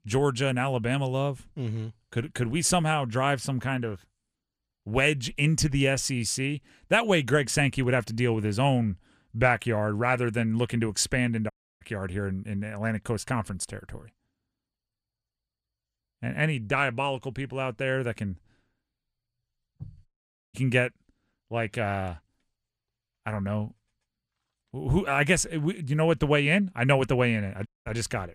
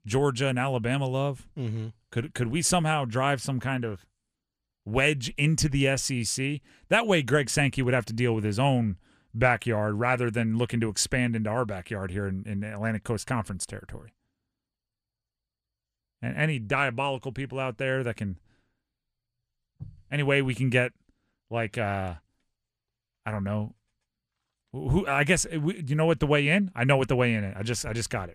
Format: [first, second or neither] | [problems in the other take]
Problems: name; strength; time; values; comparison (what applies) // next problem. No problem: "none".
second | audio cutting out; at 12 s, at 20 s and at 28 s